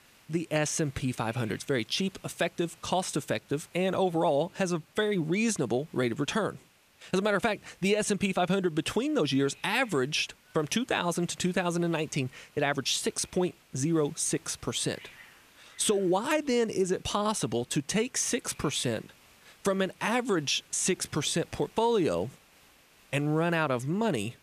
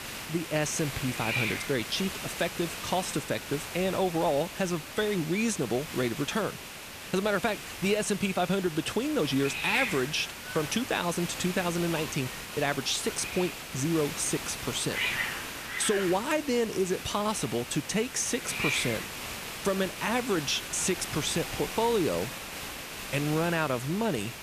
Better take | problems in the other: first | hiss; loud; throughout; 6 dB below the speech; faint in the first

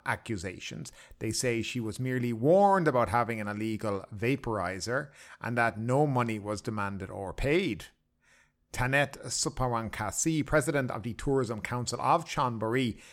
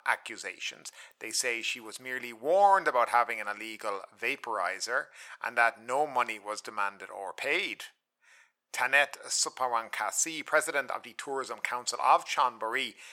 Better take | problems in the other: first | thin; very; fading below 800 Hz

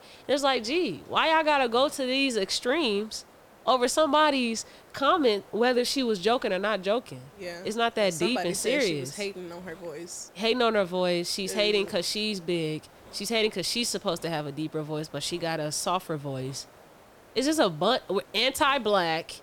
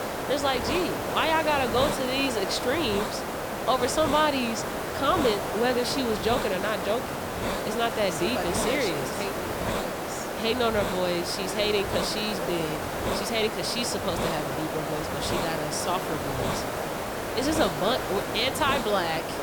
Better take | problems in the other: first | hiss; loud; throughout; 2 dB below the speech; faint in the first

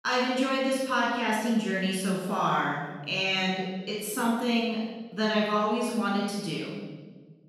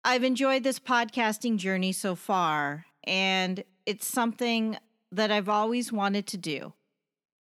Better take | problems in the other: second | room echo; strong; dies away in 1.5 s // off-mic speech; far

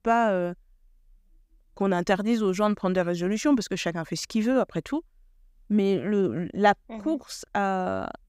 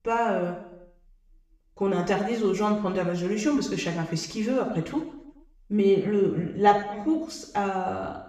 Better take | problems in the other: first | room echo; noticeable; dies away in 0.8 s // off-mic speech; far

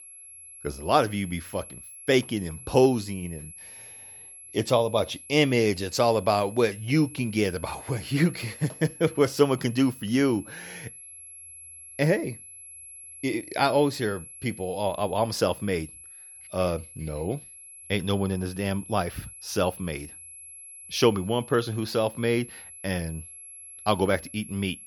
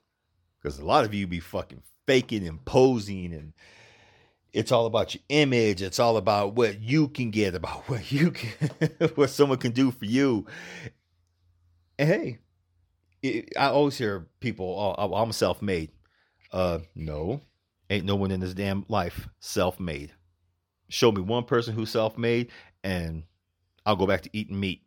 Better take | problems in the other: second | high-pitched whine; noticeable; throughout; 11 kHz, 15 dB below the speech

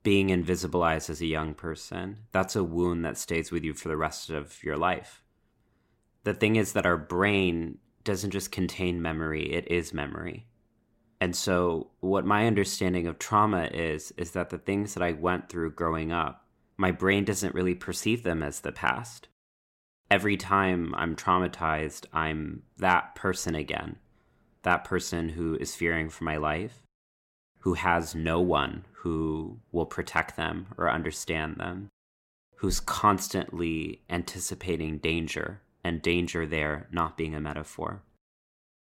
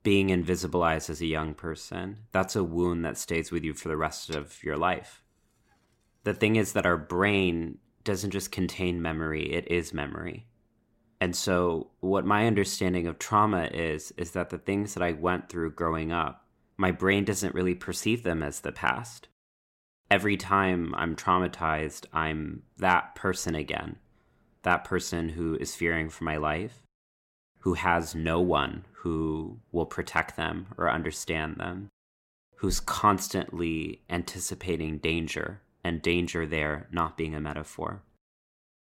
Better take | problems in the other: first | clattering dishes; faint; at 4.5 s; peak 15 dB below the speech

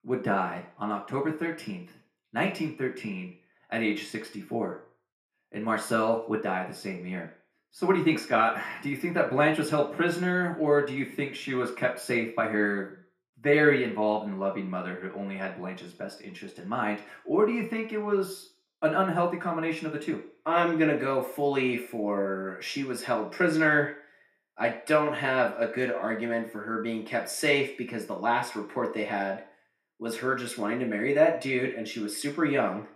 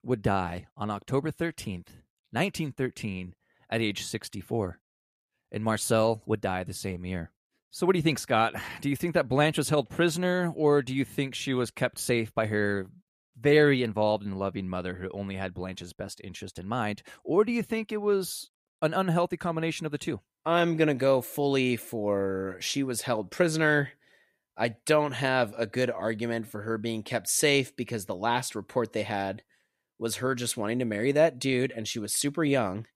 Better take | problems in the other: second | room echo; slight; dies away in 0.4 s // off-mic speech; far

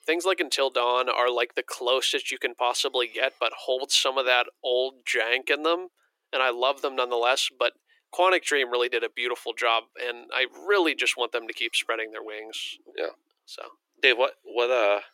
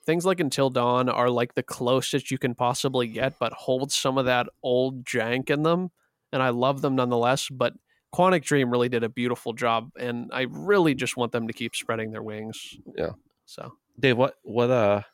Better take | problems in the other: second | thin; very; fading below 350 Hz

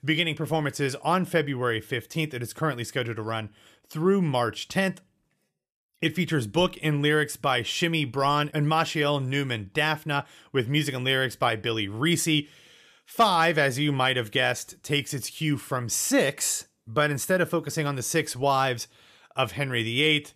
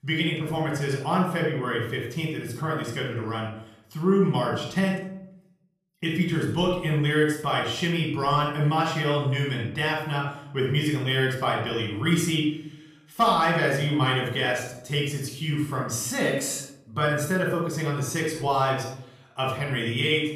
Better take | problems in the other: first | off-mic speech; far // room echo; noticeable; dies away in 0.6 s

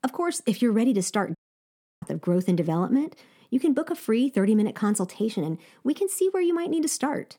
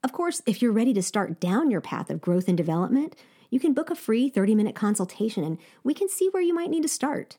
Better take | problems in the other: second | audio cutting out; at 1.5 s for 0.5 s

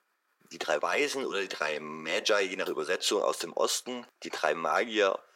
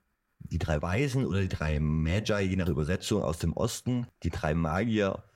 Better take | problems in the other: second | thin; very; fading below 350 Hz

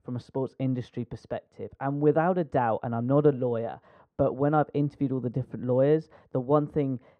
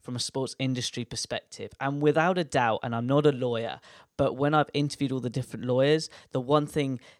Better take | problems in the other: second | muffled; very; fading above 2.5 kHz

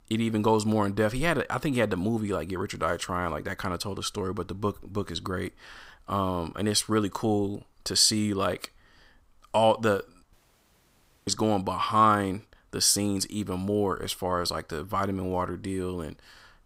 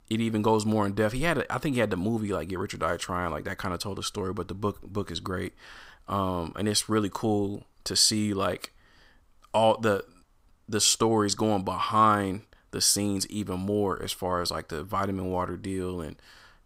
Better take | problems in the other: second | audio cutting out; at 10 s for 1 s

